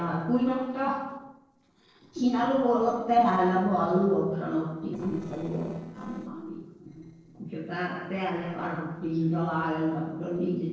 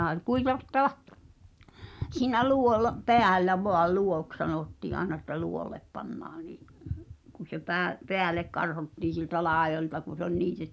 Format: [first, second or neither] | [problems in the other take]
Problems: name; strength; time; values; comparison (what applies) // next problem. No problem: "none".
second | noise reduction (neural separator model SepFormer DNS4)